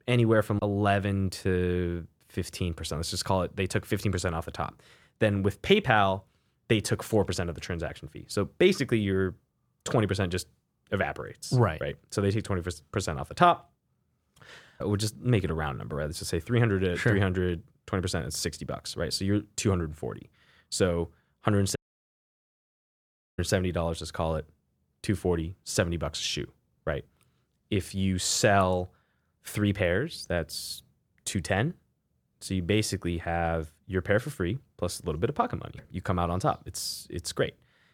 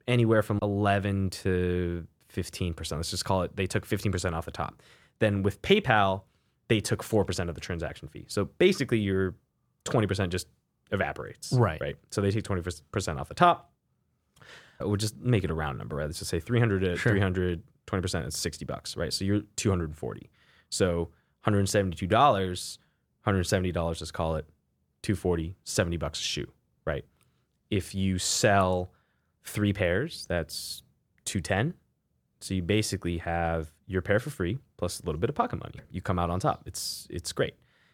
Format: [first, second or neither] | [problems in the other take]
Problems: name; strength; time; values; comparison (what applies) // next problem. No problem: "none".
second | audio cutting out; at 22 s for 1.5 s